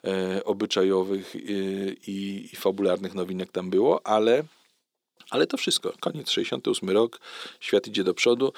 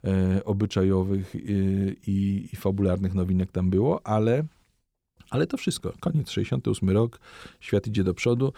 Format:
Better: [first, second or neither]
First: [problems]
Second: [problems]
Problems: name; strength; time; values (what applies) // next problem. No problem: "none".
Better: second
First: thin; somewhat; fading below 300 Hz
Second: none